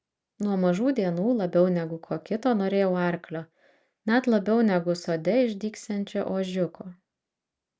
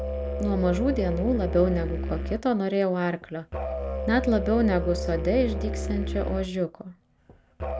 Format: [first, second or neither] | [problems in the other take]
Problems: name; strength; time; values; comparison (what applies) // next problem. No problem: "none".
first | background sound (Musical instrument); 4 dB below the speech